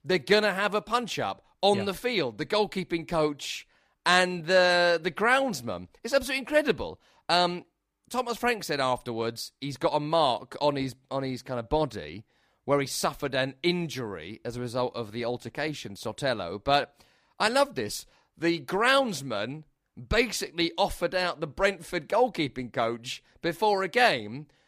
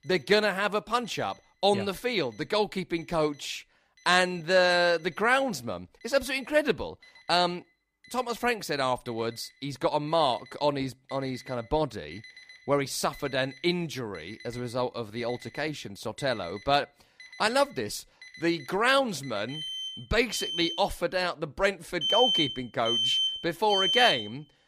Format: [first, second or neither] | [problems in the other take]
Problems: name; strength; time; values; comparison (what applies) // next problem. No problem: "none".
first | alarms or sirens; very loud; throughout; as loud as the speech